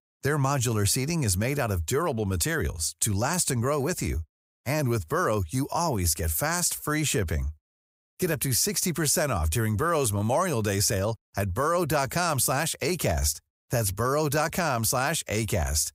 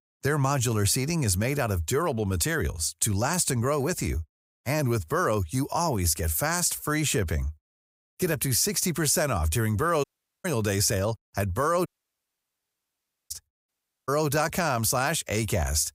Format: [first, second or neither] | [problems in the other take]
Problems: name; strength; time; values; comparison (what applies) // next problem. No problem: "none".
first | audio cutting out; at 10 s, at 12 s for 1.5 s and at 14 s